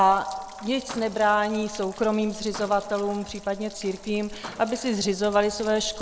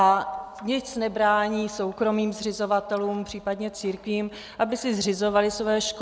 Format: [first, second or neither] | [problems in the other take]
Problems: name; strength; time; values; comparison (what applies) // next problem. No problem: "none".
second | background sound (Stream / Trickle, dribble / Splash, splatter + Car); 17 dB below the speech